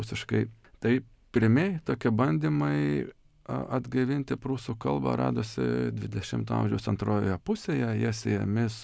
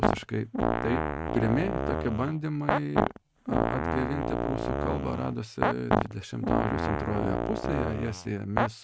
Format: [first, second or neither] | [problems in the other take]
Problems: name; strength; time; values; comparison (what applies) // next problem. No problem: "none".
first | noise reduction (neural mask model RNNoise)